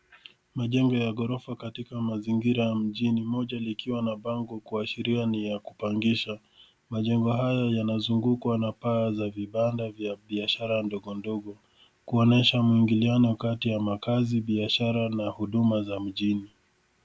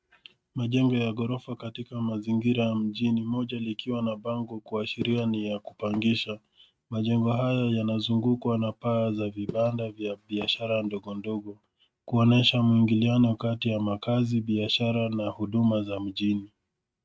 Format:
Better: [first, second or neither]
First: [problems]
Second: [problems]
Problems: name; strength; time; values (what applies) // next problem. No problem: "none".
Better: first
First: none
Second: noise reduction (neural mask model RNNoise)